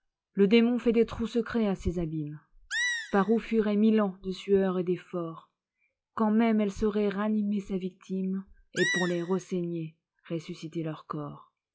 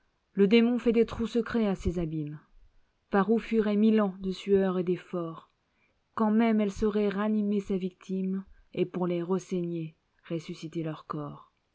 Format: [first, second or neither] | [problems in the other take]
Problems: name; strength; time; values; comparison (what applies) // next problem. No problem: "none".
second | noise reduction (classical method log-MMSE)